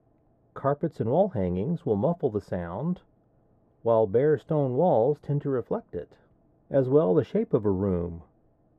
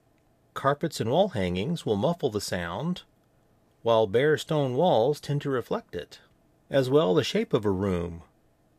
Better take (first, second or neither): second